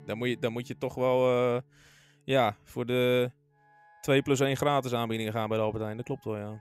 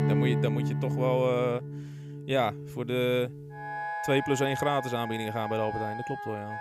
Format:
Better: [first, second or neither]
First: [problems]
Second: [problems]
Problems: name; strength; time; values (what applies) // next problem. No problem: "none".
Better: first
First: background music; faint; throughout; 30 dB below the speech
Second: background music; loud; throughout; 4 dB below the speech